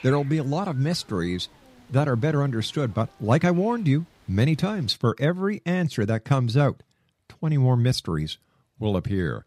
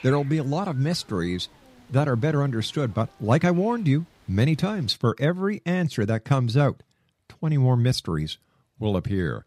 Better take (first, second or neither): neither